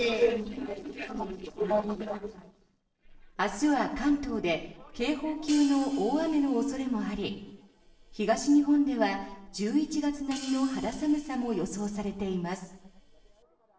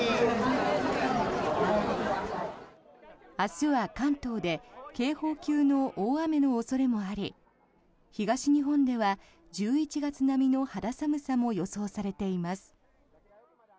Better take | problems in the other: second | noise reduction (neural separator model SepFormer DNS4)

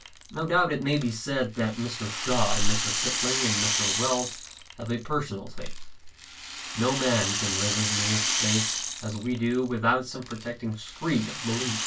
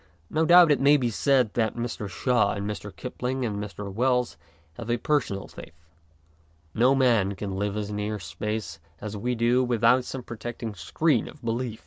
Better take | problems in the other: second | background sound (Rattle); 3 dB below the speech // room echo; dies away in 0.2 s

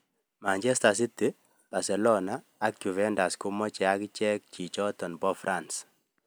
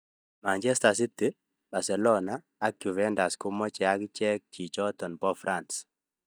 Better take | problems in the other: first | noise reduction (neural mask model DeepFilterNet 3)

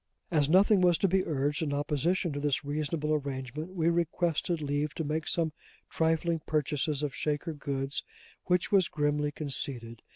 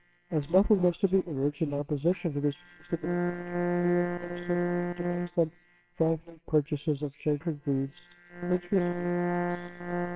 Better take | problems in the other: first | noise reduction (neural separator model SepFormer WHAMR!)

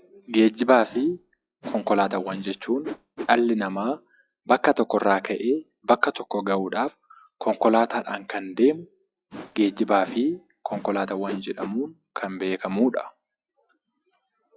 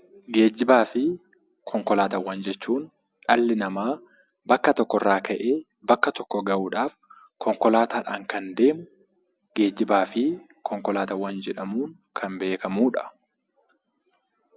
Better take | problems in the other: second | noise reduction (classical method log-MMSE)

